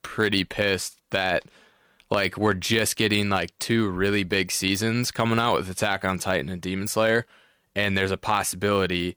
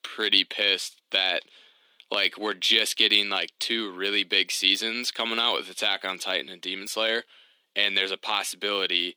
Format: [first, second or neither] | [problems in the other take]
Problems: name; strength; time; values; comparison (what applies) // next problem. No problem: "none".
first | thin; somewhat; fading below 250 Hz